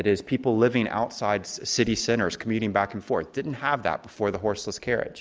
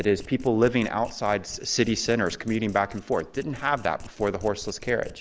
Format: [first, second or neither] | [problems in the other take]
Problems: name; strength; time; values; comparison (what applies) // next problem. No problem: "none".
first | background sound (Domestic sounds, home sounds); 18 dB below the speech